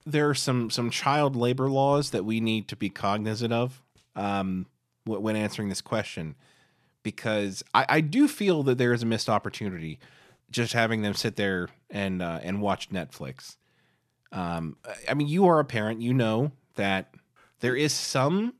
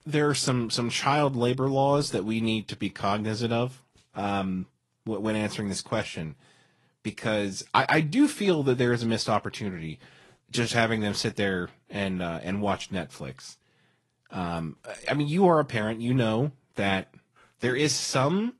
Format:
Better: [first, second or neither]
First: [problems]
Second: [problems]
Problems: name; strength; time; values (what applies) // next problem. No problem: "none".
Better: first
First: none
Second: garbled, watery; slightly; nothing above 11.5 kHz